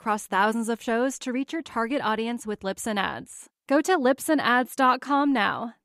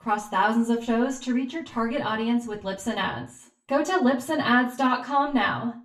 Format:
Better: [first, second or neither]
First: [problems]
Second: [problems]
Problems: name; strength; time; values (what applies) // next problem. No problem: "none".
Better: first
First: none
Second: room echo; very slight; dies away in 0.3 s // off-mic speech; far